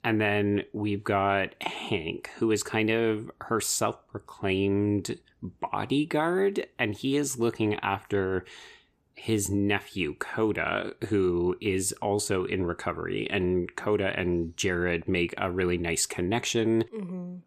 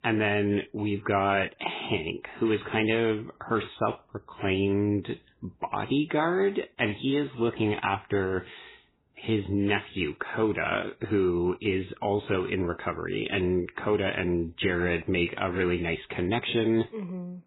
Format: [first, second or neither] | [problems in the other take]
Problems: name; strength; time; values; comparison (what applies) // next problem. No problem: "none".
first | garbled, watery; badly; nothing above 4 kHz